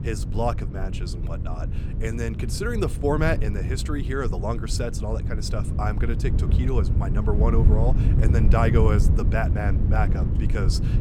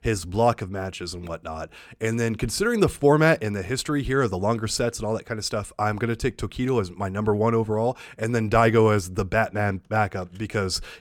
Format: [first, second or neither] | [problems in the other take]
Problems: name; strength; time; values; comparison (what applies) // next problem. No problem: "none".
second | wind noise on the microphone; heavy; 8 dB below the speech